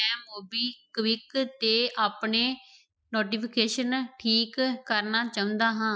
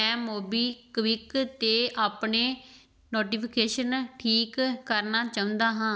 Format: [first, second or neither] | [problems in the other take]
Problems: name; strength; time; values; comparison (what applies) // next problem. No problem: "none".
second | noise reduction (classical method Wiener filter)